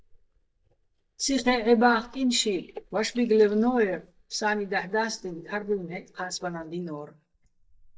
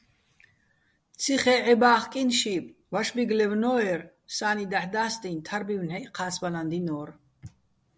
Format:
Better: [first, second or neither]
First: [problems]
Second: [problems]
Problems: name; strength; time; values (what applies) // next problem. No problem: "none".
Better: second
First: noise reduction (neural mask model DeepFilterNet 3)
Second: none